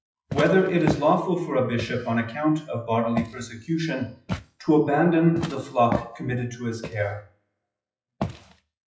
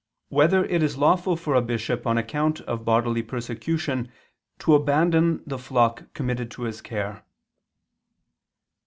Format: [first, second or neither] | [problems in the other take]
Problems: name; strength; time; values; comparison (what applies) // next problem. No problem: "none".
second | noise reduction (classical method WPE with log-MMSE)